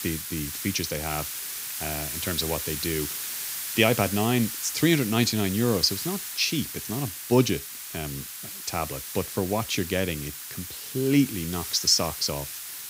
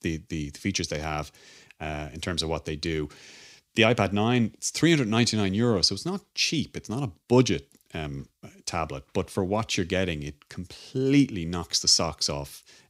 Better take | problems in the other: second | hiss; loud; throughout; 6 dB below the speech

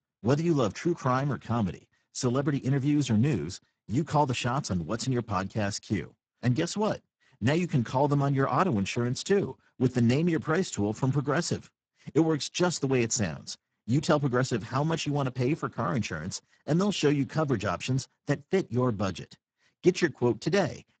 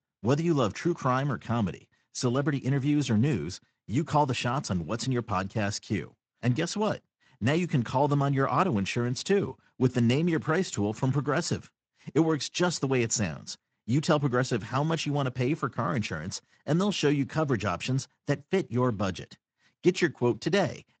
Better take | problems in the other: second | garbled, watery; badly; nothing above 7.5 kHz; slightly in the second

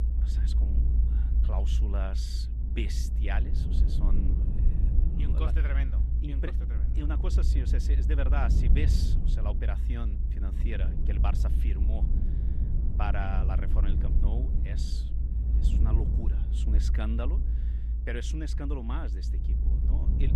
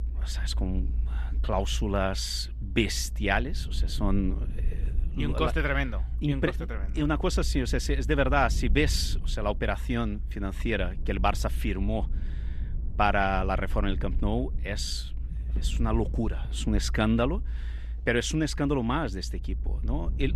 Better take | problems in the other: second | low rumble; loud; throughout; 5 dB below the speech; faint in the second

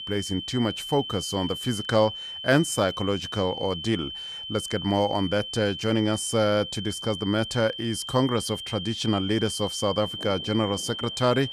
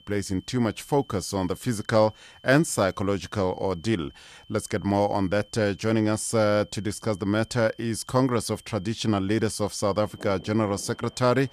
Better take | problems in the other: second | high-pitched whine; loud; throughout; 3 kHz, 7 dB below the speech; faint in the second

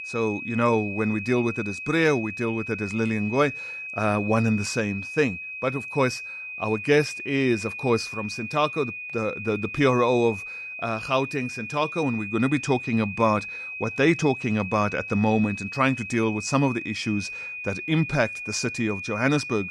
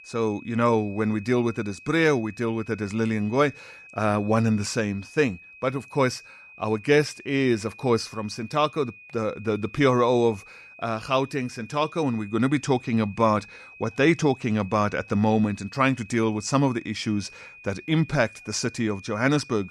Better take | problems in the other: second | high-pitched whine; loud; throughout; 2.5 kHz, 8 dB below the speech; faint in the second

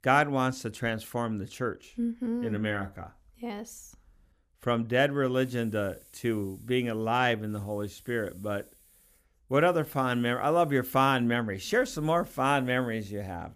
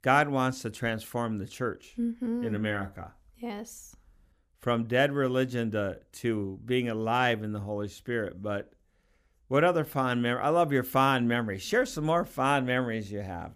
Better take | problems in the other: second | hiss; faint; from 5.5 s on; 30 dB below the speech

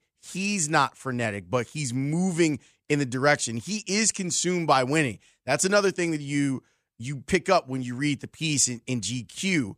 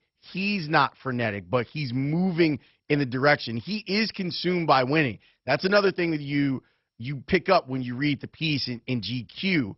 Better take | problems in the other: first | garbled, watery; badly; nothing above 5.5 kHz

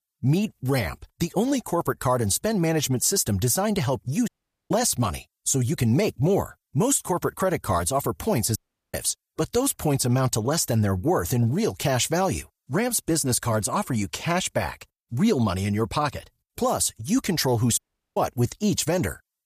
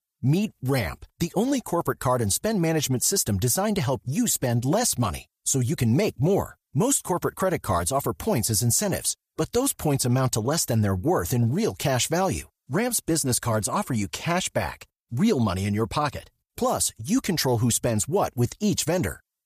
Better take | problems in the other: second | audio cutting out; at 4.5 s, at 8.5 s and at 18 s

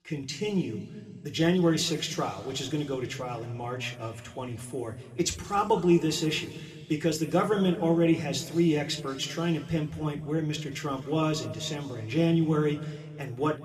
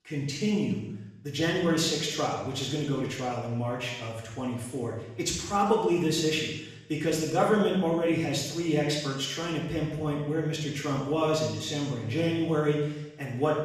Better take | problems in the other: first | room echo; strong; dies away in 0.9 s; slight in the first // off-mic speech; far

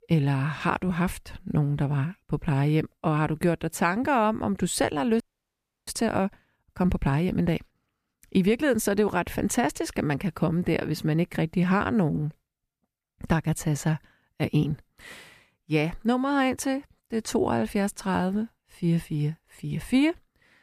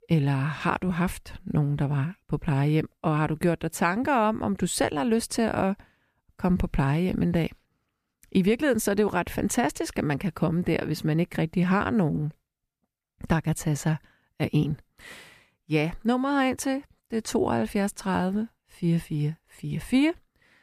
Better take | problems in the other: second | audio freezing; at 5 s for 0.5 s

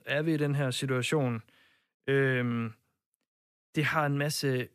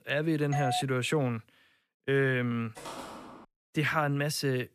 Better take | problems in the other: first | doorbell; noticeable; at 0.5 s; peak 3 dB below the speech // footsteps; faint; at 3 s; peak 10 dB below the speech

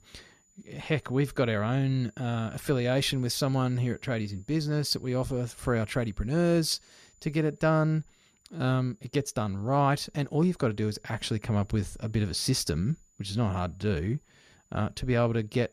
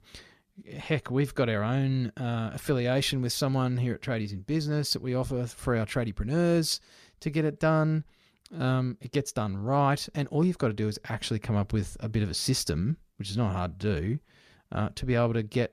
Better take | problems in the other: second | high-pitched whine; faint; throughout; 7 kHz, 35 dB below the speech

